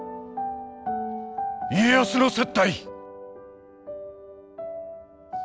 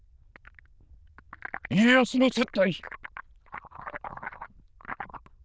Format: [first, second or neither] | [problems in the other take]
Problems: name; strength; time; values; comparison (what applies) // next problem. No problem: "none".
first | noise reduction (neural diffusion model UNIVERSE++)